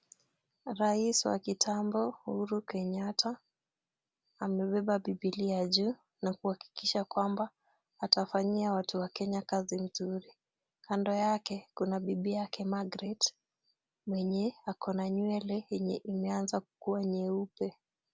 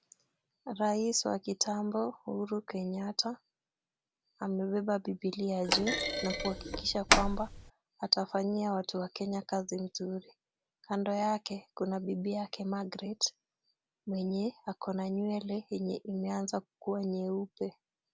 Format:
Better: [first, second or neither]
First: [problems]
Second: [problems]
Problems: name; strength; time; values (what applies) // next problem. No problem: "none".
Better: first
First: none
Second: background sound (Thump, thud); 3 dB above the speech